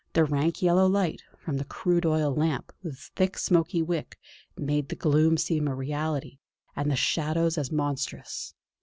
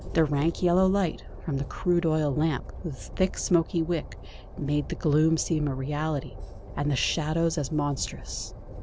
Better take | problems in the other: first | background sound (Train); 11 dB below the speech

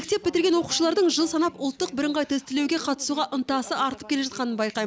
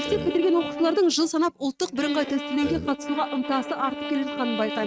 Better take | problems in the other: first | noise reduction (neural mask model RNNoise)

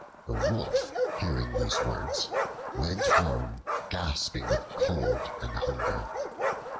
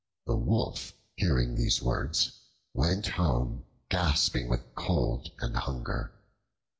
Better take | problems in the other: second | background sound (Bark); 2 dB above the speech

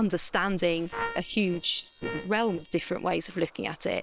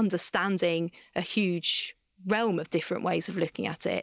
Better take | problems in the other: second | noise reduction (neural separator model SepFormer WHAM!)

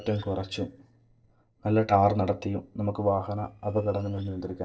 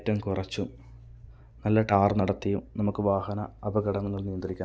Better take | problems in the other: second | noise reduction (neural separator model SepFormer DNS4)

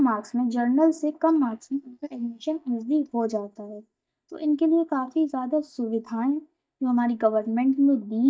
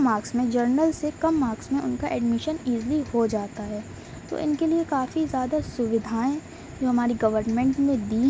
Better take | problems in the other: second | noise reduction (neural mask model DeepFilterNet 3)

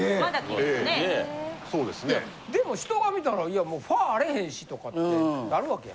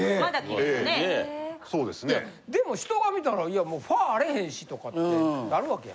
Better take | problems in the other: second | background sound (Rain / Dog); 18 dB below the speech

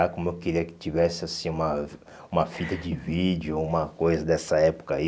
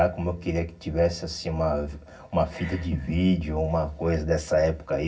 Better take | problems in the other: first | room echo; dies away in 0.4 s

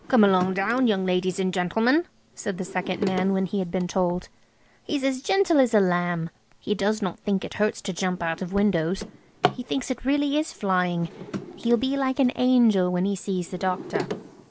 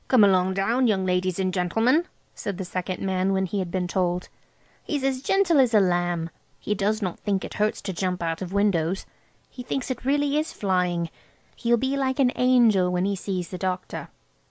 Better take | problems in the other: second | background sound (Drawer open or close); 13 dB below the speech

